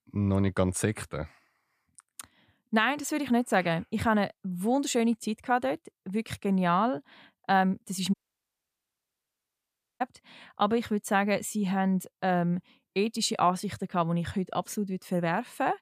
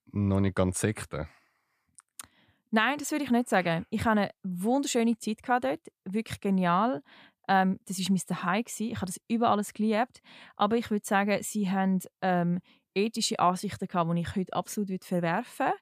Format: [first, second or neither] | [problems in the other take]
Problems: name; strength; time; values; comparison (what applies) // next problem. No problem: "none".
second | audio cutting out; at 8 s for 2 s